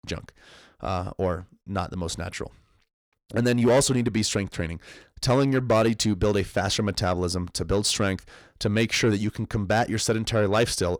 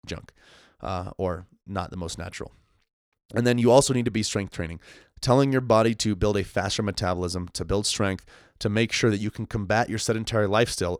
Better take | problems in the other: second | distortion; slight; 10 dB below the speech

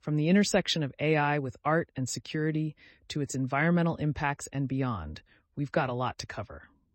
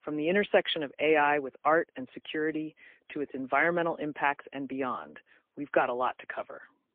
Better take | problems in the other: first | phone-call audio; poor line; nothing above 3.5 kHz

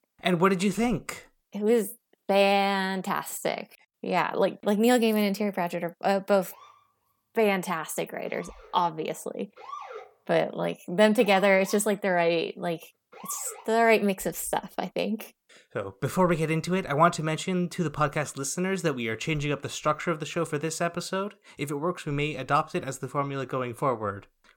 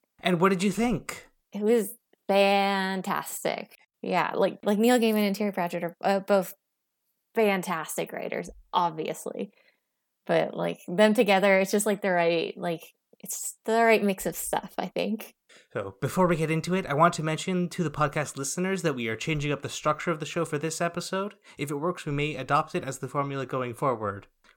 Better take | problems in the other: second | siren; faint; from 6.5 to 14 s; peak 15 dB below the speech

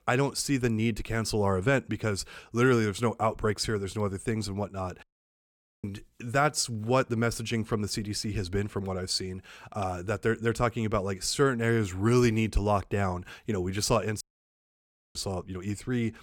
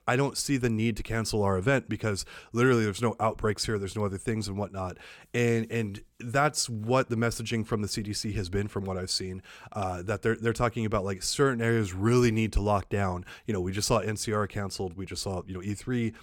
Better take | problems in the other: second | audio cutting out; at 5 s for 1 s and at 14 s for 1 s

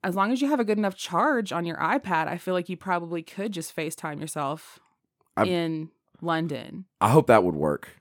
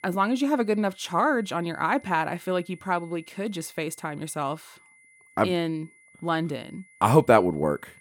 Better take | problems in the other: first | high-pitched whine; faint; throughout; 2 kHz, 25 dB below the speech

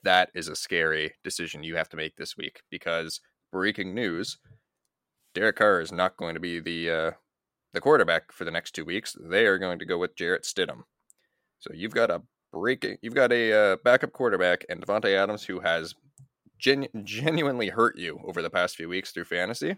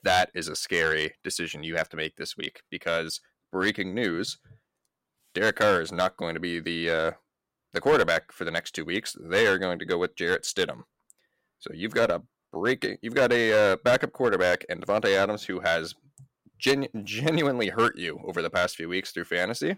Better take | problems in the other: first | distortion; slight; 3% of the sound clipped

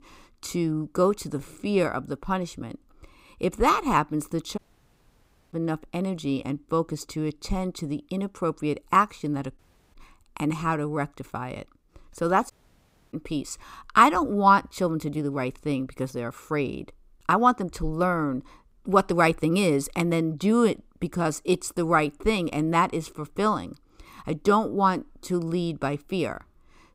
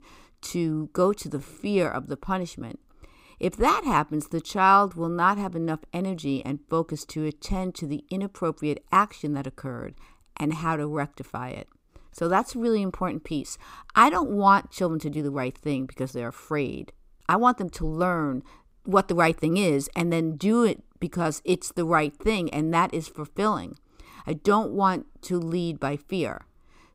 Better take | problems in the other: second | audio cutting out; at 4.5 s for 1 s, at 9.5 s and at 13 s for 0.5 s

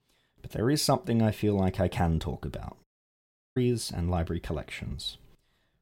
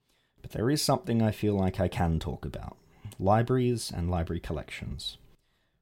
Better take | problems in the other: second | audio cutting out; at 3 s for 0.5 s

